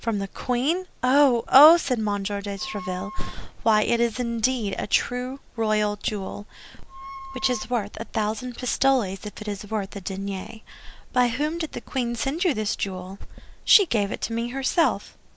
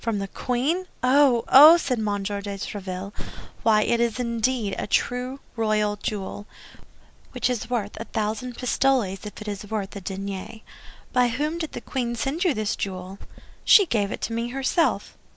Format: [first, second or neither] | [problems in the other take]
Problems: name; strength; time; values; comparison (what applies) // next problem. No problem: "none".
second | background sound (Wind instrument, woodwind instrument); 16 dB below the speech